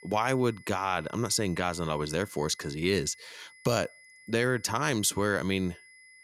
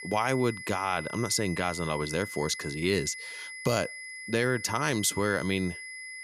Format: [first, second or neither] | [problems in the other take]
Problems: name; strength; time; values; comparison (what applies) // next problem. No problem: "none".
first | high-pitched whine; loud; throughout; 2 kHz, 10 dB below the speech; faint in the first